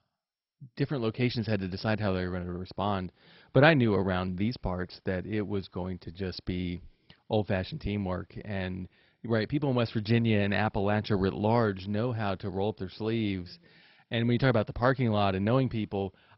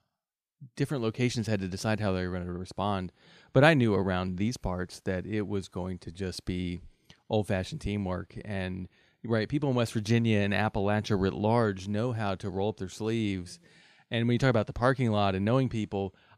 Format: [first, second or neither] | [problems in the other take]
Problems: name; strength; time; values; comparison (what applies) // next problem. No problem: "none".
second | garbled, watery; badly; nothing above 5.5 kHz